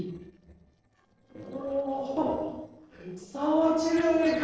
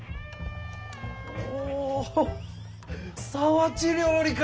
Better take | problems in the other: second | noise reduction (neural separator model SepFormer DNS4)

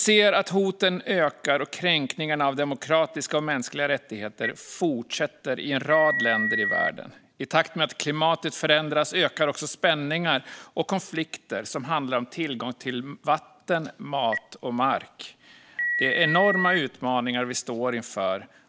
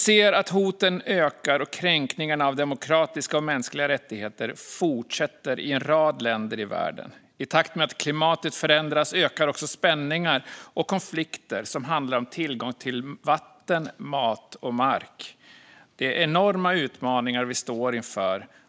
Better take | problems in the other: second | background sound (Telephone); 4 dB below the speech

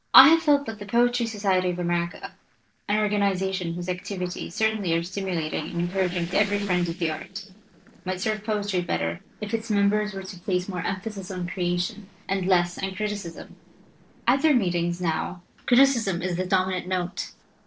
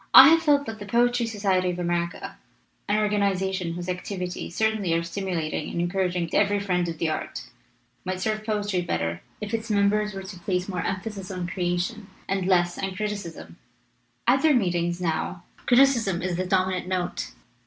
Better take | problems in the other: second | noise reduction (neural separator model SepFormer DNS4)

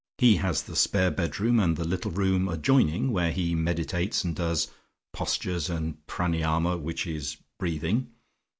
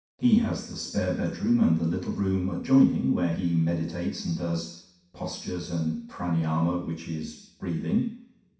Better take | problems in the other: first | room echo; dies away in 0.6 s

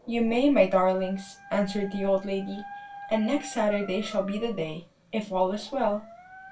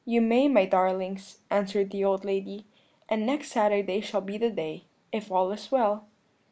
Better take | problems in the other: second | background sound (Dog); 18 dB below the speech // room echo; dies away in 0.1 s

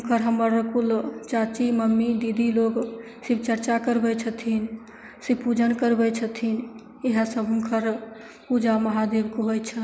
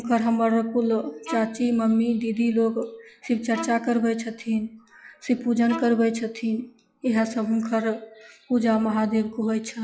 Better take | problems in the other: first | noise reduction (classical method log-MMSE)

